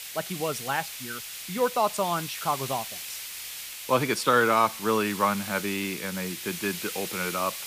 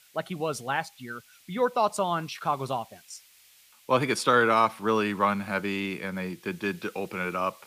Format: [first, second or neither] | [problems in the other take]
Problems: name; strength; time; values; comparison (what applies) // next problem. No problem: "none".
second | hiss; loud; throughout; 8 dB below the speech; faint in the second